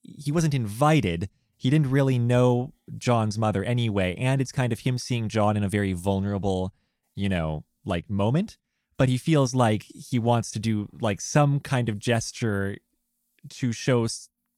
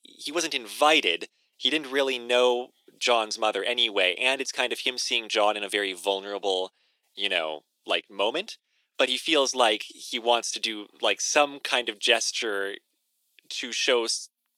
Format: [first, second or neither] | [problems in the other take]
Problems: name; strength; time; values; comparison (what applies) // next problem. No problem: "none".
first | thin; very; fading below 350 Hz